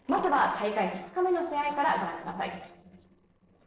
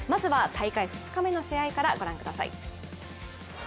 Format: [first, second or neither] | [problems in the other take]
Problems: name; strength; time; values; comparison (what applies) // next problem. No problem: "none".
second | noise reduction (neural separator model SepFormer DNS4)